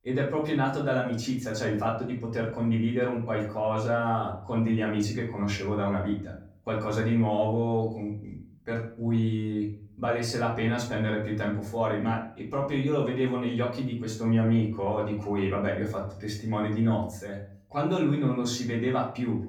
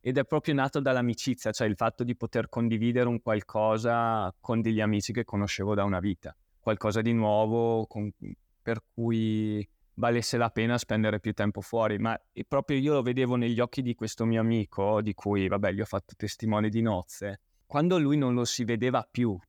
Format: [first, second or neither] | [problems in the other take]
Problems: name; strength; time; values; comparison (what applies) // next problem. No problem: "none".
second | off-mic speech; far // room echo; slight; dies away in 0.4 s